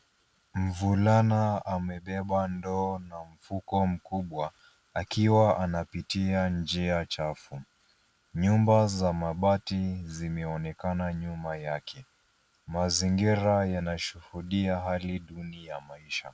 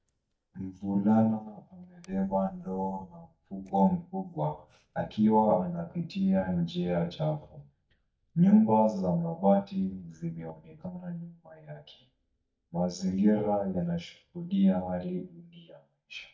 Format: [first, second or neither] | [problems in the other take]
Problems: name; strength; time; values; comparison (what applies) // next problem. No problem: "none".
first | noise reduction (neural mask model DeepFilterNet 3)